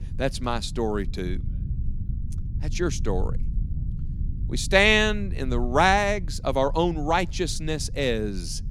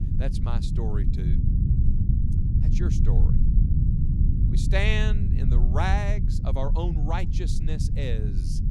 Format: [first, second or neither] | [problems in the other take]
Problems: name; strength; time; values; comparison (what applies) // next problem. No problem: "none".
first | low rumble; loud; throughout; 6 dB below the speech; faint in the first